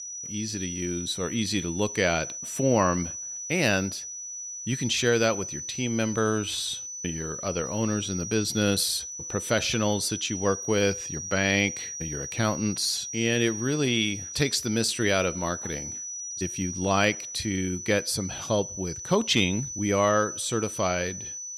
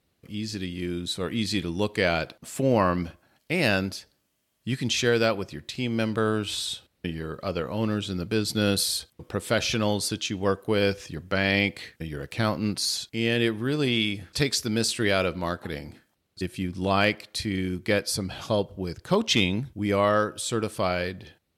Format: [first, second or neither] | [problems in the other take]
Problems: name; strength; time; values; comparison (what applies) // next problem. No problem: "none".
second | high-pitched whine; loud; throughout; 6 kHz, 7 dB below the speech